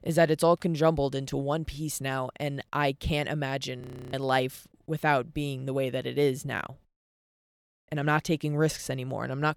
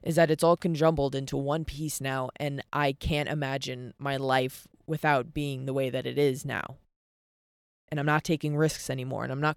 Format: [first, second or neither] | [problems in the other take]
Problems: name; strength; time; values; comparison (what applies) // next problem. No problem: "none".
second | audio freezing; at 4 s